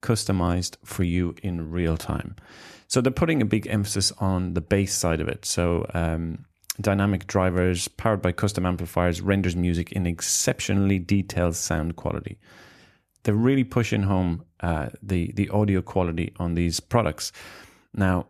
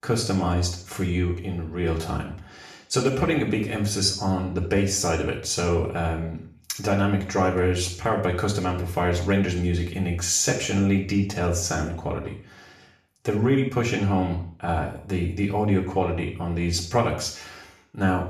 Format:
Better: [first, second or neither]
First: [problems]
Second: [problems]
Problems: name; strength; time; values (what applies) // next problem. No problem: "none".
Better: first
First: none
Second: room echo; noticeable; dies away in 0.5 s // off-mic speech; far